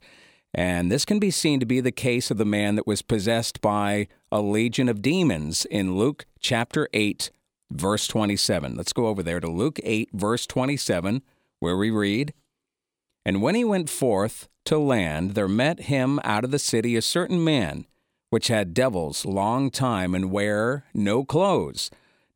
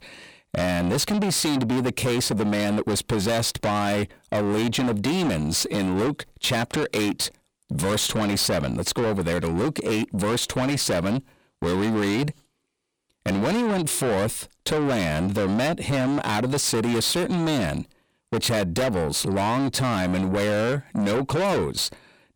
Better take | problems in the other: first | distortion; heavy; 6 dB below the speech

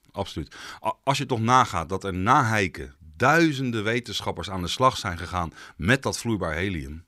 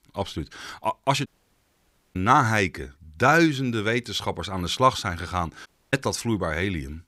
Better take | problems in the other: first | audio cutting out; at 1.5 s for 1 s and at 5.5 s

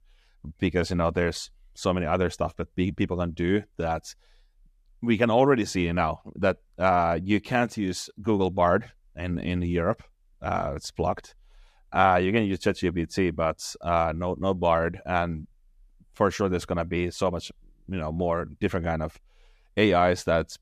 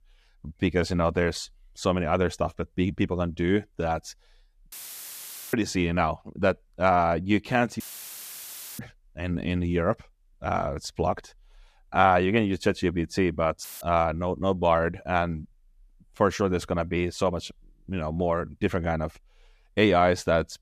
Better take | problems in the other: first | audio cutting out; filled with static; at 4.5 s for 1 s, at 8 s for 1 s and at 14 s

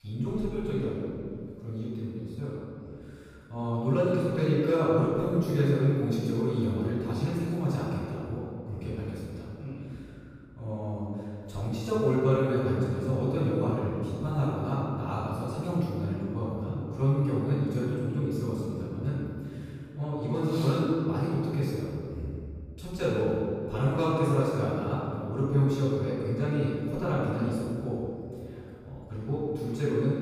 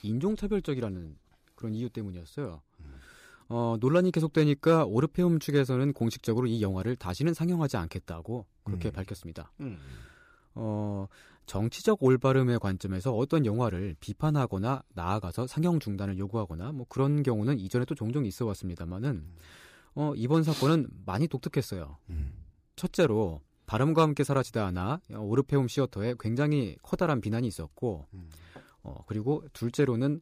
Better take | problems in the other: second | off-mic speech; far // room echo; strong; dies away in 2.3 s

